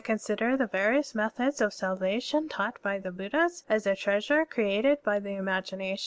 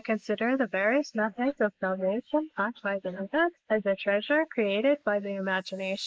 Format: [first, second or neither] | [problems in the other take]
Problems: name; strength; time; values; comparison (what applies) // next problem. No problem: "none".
first | noise reduction (neural mask model Resemble Enhance denoiser)